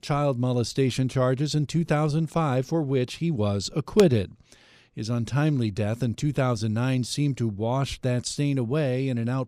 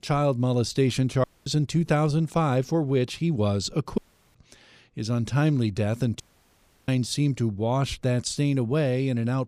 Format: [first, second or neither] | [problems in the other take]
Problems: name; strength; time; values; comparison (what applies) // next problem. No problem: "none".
first | audio cutting out; at 1 s, at 4 s and at 6 s for 0.5 s